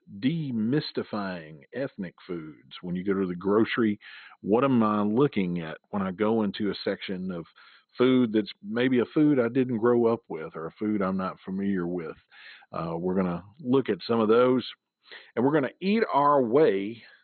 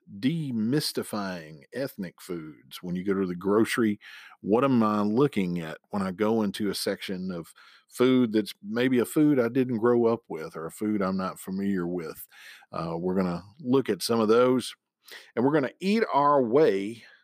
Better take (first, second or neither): second